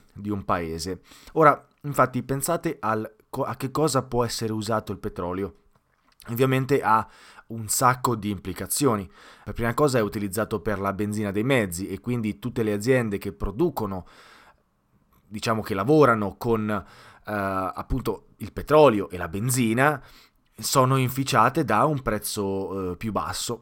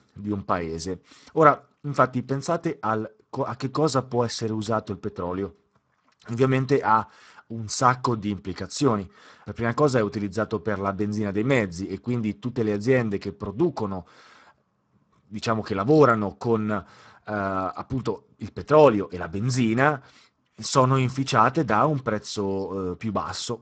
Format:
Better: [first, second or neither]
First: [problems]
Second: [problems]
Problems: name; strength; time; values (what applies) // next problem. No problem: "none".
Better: first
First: none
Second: garbled, watery; badly; nothing above 8 kHz